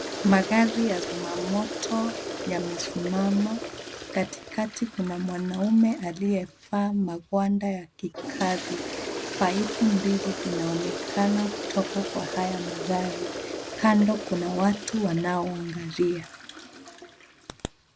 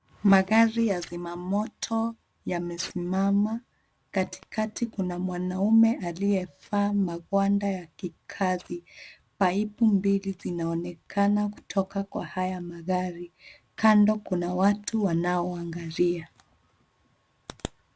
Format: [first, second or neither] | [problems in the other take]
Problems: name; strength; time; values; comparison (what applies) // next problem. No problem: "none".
second | background sound (Toilet flush); 8 dB below the speech